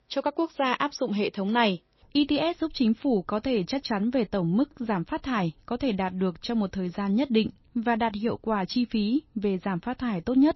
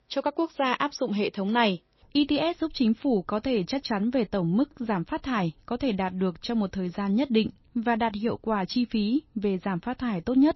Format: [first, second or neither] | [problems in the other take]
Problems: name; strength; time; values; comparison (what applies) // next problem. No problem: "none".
neither | garbled, watery; slightly; nothing above 5.5 kHz; the same in both